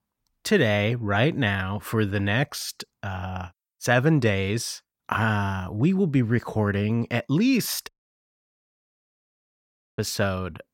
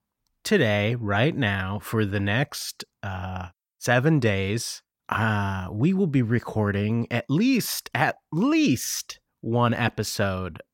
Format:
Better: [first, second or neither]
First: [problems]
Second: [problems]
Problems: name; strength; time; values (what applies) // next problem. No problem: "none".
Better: second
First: audio cutting out; at 8 s for 2 s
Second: none